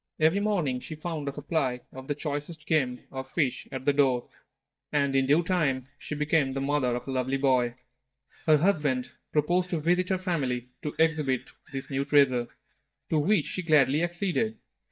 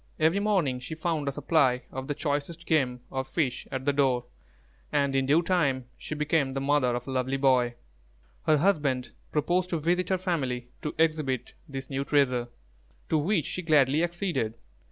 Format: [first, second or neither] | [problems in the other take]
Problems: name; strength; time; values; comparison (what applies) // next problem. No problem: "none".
second | noise reduction (neural mask model DeepFilterNet 3)